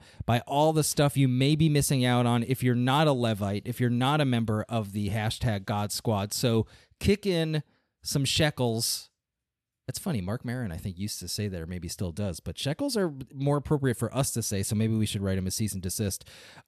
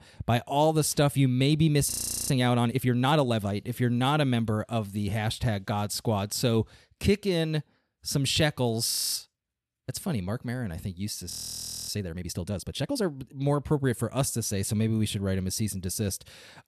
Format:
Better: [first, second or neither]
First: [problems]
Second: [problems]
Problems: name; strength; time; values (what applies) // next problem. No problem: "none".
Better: first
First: none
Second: audio freezing; at 2 s, at 9 s and at 11 s for 0.5 s